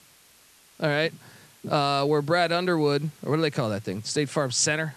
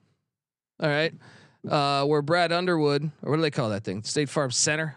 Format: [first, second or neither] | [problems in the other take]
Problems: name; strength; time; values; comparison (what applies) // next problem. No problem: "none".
second | hiss; faint; throughout; 25 dB below the speech